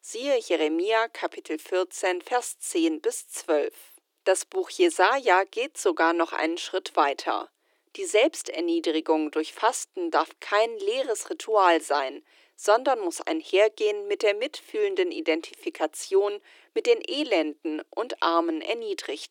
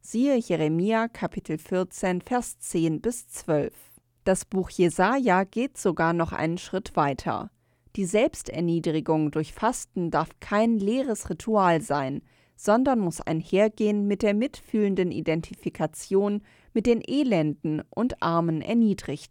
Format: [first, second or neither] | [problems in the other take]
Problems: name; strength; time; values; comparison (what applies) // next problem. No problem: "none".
second | thin; very; fading below 300 Hz